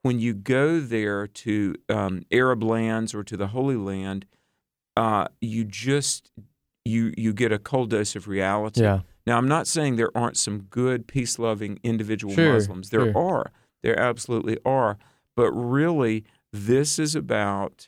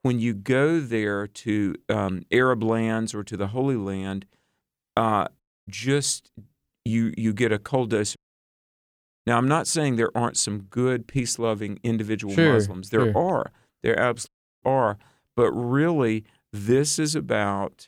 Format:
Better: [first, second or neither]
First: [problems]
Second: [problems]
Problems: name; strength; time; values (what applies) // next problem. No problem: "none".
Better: first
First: none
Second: audio cutting out; at 5.5 s, at 8 s for 1 s and at 14 s